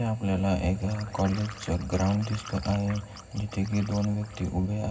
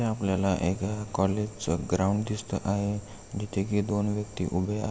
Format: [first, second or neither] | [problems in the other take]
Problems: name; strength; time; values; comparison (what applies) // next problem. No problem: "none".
second | background sound (Liquid); 17 dB below the speech // room echo; dies away in 0.4 s